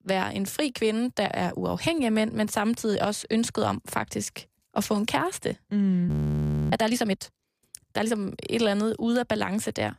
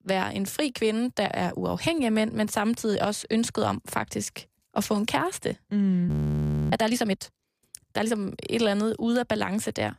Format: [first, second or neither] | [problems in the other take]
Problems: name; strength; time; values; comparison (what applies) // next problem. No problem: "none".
neither | audio freezing; at 6 s for 0.5 s; the same in both